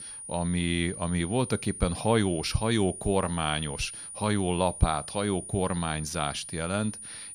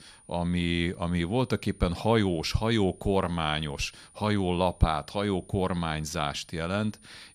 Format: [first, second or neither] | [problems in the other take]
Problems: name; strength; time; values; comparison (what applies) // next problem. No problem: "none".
second | high-pitched whine; loud; throughout; 9.5 kHz, 10 dB below the speech; faint in the second